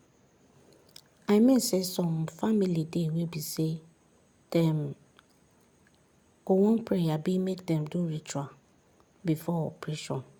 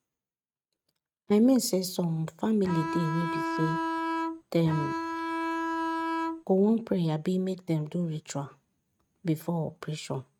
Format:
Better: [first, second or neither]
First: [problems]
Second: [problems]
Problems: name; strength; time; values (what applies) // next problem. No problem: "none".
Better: first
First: none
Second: noise reduction (neural mask model RNNoise)